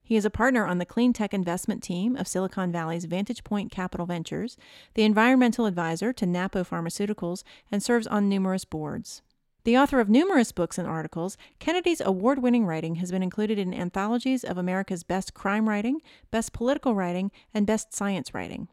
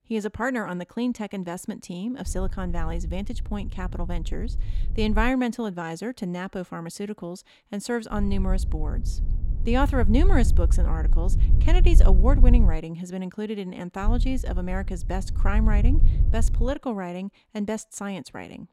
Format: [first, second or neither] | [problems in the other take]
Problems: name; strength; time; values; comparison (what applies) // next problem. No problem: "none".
first | wind noise on the microphone; occasional gusts; from 2.5 to 5.5 s, from 8 to 13 s and from 14 to 17 s; 15 dB below the speech